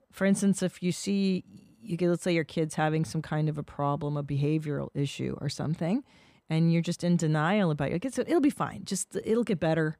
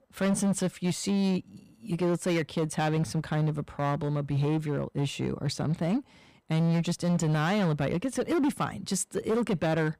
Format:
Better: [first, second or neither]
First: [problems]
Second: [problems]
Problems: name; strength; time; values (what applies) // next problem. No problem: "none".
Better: first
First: none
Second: distortion; slight; 14% of the sound clipped